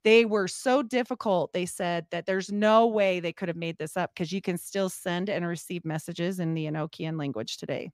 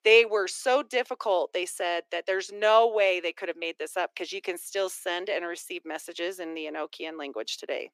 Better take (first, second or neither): first